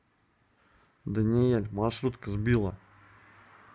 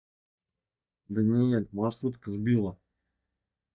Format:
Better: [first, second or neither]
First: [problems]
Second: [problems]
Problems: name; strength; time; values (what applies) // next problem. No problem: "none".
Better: first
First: none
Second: noise reduction (neural mask model DeepFilterNet 3)